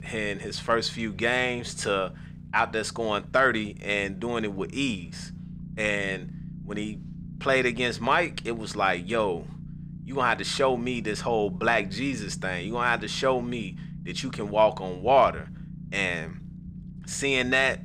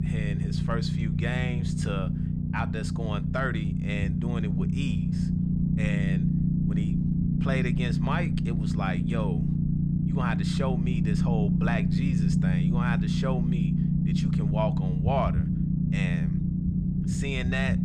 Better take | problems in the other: first | low rumble; loud; throughout; 1 dB below the speech; faint in the first

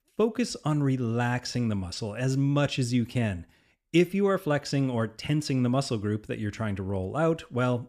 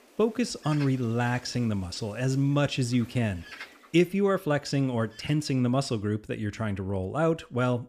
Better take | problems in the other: first | animal sounds; faint; throughout; 20 dB below the speech

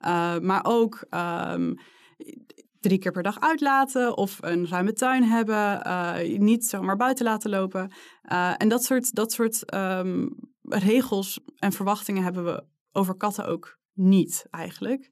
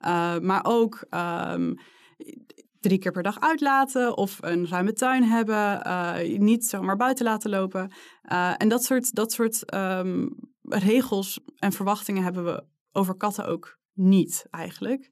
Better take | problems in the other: neither | none

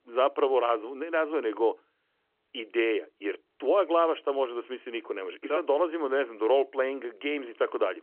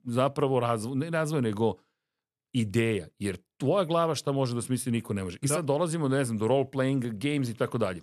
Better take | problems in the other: second | phone-call audio

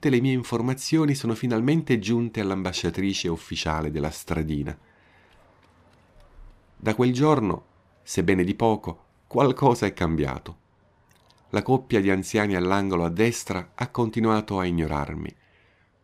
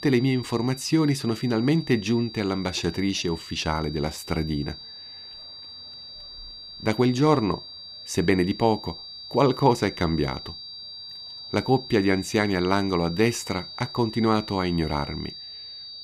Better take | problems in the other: first | high-pitched whine; noticeable; throughout; 4.5 kHz, 15 dB below the speech

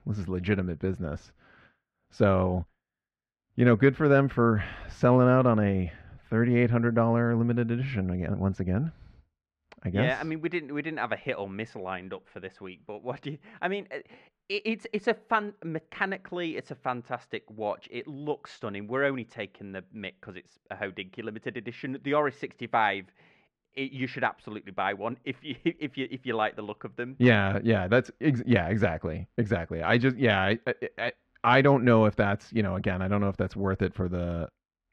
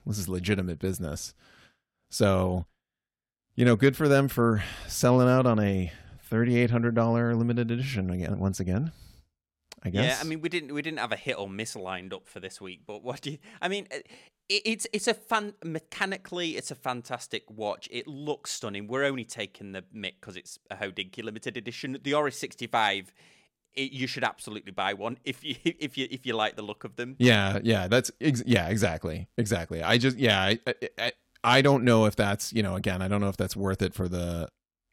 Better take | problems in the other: second | muffled; very; fading above 2 kHz

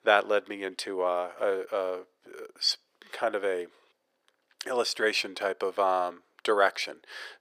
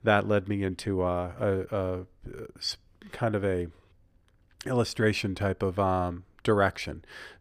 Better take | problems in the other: second | thin; very; fading below 450 Hz

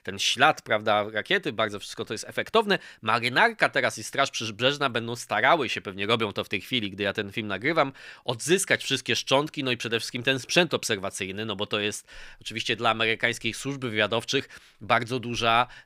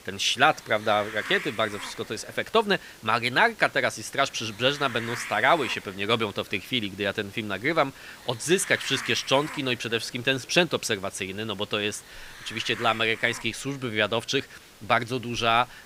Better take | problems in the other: first | hiss; noticeable; throughout; 15 dB below the speech

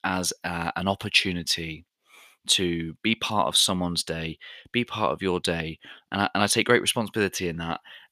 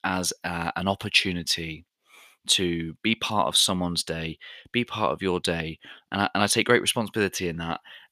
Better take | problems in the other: neither | thin; very slightly; fading below 750 Hz; the same in both

